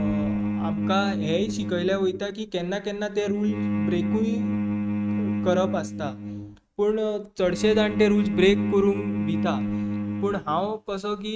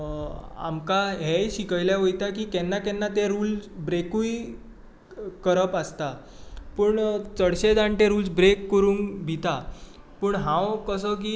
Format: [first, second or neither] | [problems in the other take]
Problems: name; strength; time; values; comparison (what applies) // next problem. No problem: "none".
second | noise reduction (neural mask model RNNoise)